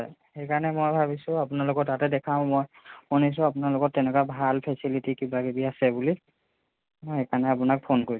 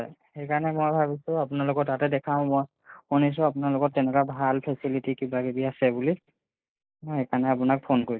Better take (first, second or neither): first